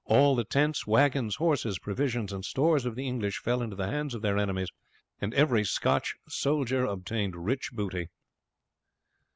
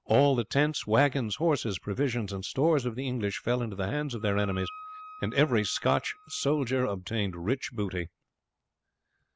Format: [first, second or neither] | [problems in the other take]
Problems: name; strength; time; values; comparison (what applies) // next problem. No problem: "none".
first | background sound (Wind instrument, woodwind instrument); 18 dB below the speech